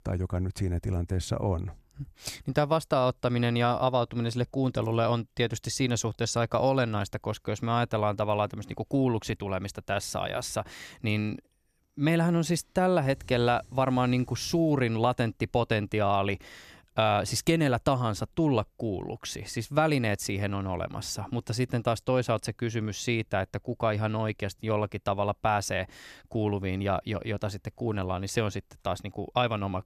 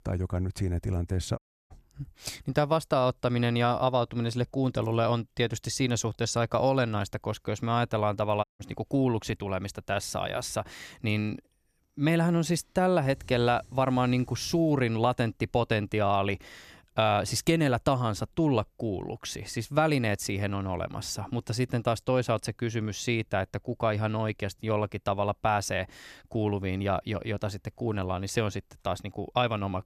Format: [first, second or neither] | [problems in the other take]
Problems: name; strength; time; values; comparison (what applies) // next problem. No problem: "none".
first | audio cutting out; at 1.5 s and at 8.5 s